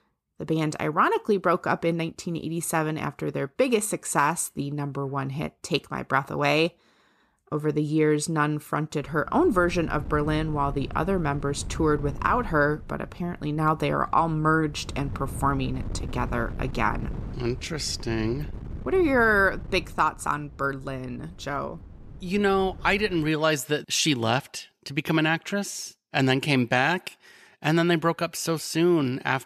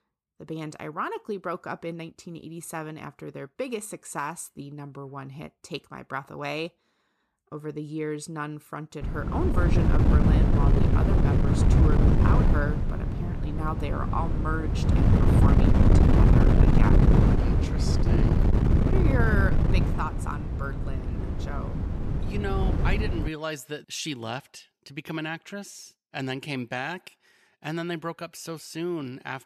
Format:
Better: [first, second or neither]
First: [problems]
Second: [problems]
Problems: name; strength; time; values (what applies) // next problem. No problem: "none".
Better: first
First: wind noise on the microphone; occasional gusts; from 9 to 23 s; 25 dB below the speech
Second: wind noise on the microphone; heavy; from 9 to 23 s; 2 dB above the speech